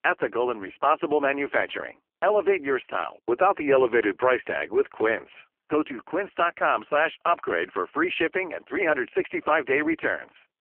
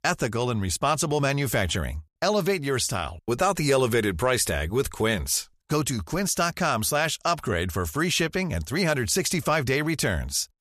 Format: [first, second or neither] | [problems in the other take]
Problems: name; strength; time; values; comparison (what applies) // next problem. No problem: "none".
second | phone-call audio; poor line; nothing above 3 kHz